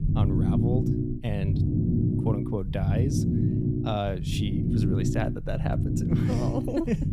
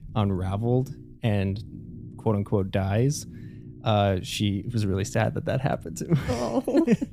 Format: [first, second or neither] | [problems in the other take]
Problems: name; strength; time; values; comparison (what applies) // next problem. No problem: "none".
second | low rumble; loud; throughout; 1 dB below the speech; faint in the second